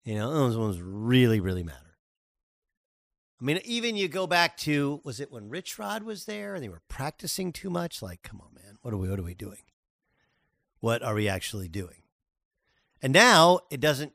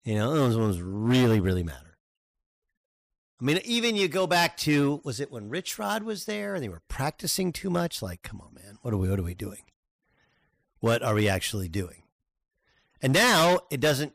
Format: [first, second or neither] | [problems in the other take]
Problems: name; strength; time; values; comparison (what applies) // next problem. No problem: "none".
first | distortion; heavy; 5% of the sound clipped